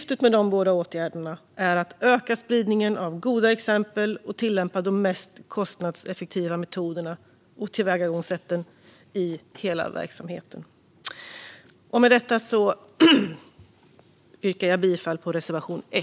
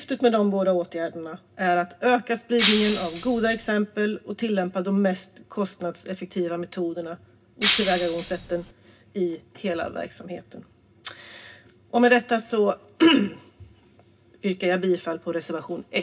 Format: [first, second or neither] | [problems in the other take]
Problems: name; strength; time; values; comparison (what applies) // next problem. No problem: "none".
first | background sound (Shatter); 3 dB below the speech // room echo; dies away in 0.4 s